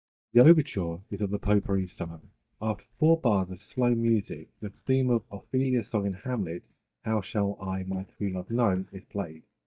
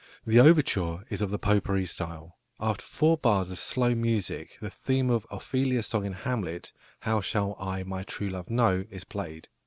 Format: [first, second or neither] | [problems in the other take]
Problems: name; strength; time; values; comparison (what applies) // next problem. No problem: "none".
second | noise reduction (neural mask model DeepFilterNet 3)